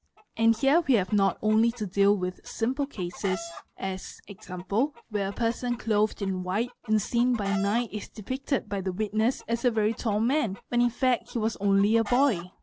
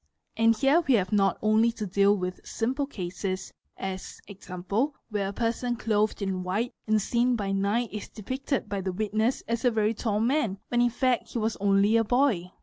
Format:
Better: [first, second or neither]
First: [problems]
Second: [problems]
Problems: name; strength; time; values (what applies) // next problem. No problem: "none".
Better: second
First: background sound (Chicken, rooster); 19 dB below the speech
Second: none